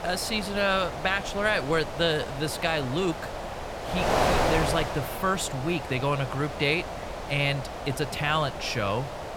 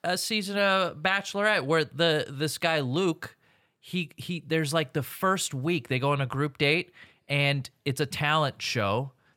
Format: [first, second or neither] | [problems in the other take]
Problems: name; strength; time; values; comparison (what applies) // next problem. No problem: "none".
second | wind noise on the microphone; heavy; 4 dB below the speech